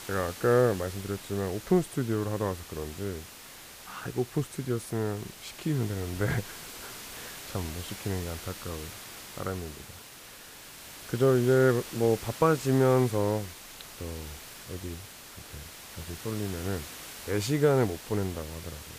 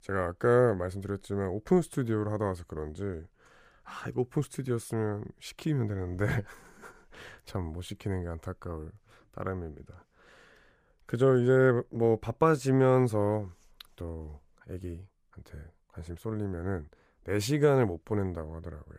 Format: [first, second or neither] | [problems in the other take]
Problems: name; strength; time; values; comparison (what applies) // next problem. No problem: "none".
second | hiss; noticeable; throughout; 15 dB below the speech